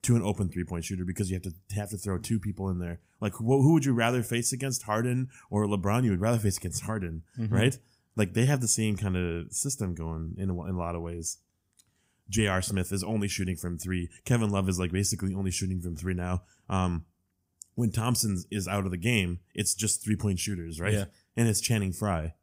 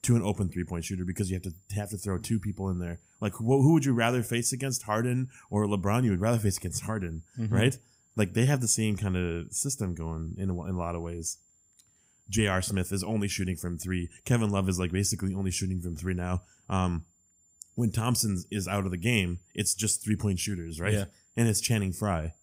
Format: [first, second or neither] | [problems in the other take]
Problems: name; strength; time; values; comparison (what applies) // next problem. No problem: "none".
first | high-pitched whine; faint; throughout; 7 kHz, 35 dB below the speech